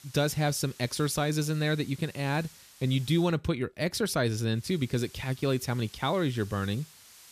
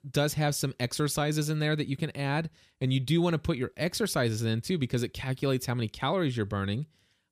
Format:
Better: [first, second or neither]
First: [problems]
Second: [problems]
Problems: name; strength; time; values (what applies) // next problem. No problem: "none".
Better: second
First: hiss; faint; until 3.5 s and from 4.5 s on; 20 dB below the speech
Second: none